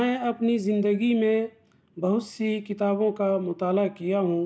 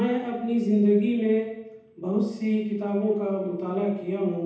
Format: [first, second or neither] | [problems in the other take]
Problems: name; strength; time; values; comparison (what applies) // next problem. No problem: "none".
first | room echo; dies away in 0.8 s